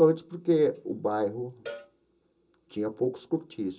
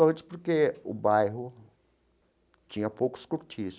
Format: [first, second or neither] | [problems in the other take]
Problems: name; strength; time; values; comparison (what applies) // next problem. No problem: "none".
second | background sound (Cowbell); 19 dB below the speech // room echo; dies away in 0.2 s